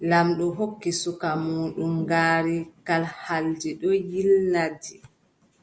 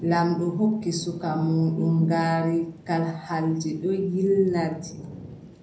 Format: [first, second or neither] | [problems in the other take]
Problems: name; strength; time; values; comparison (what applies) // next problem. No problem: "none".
first | background sound (Thunder / Rain); 19 dB below the speech // room echo; dies away in 0.5 s